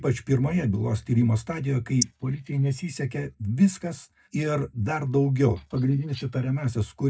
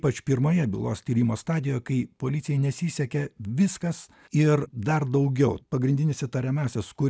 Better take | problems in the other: second | noise reduction (neural mask model DeepFilterNet 3)

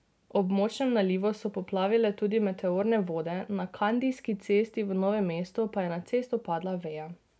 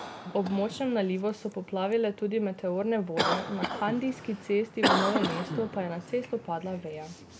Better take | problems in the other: first | background sound (Cough); 4 dB below the speech

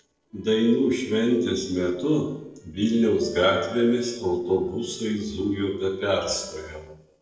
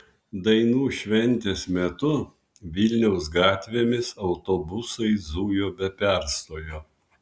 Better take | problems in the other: second | noise reduction (neural separator model SepFormer DNS4)

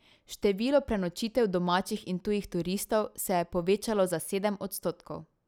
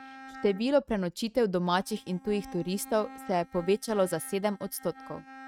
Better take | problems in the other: first | noise reduction (neural mask model RNNoise)

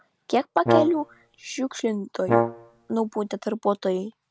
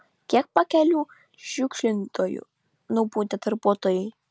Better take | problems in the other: second | background sound (Brass instrument); as loud as the speech

